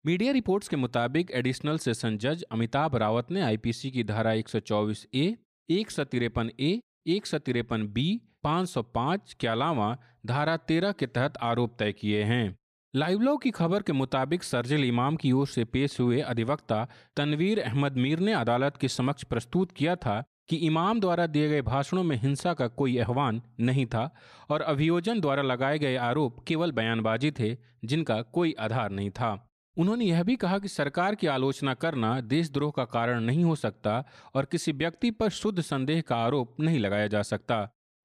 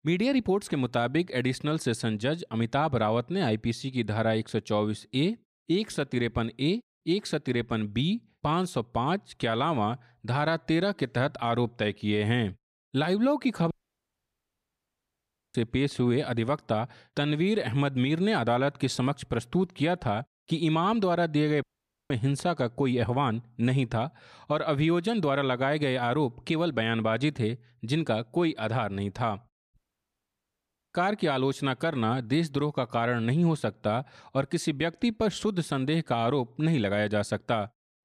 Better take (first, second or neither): first